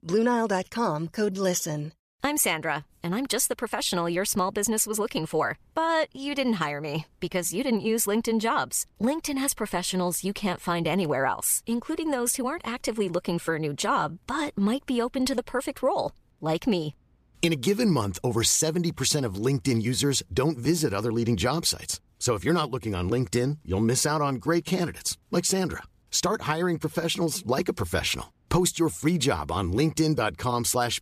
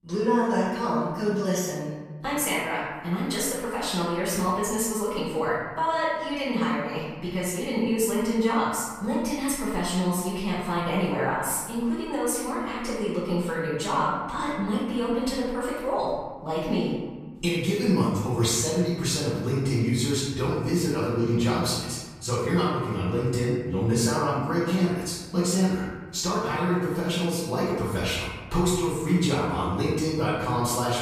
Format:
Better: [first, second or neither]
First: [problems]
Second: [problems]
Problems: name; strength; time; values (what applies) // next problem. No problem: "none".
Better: first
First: none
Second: room echo; strong; dies away in 1.2 s // off-mic speech; far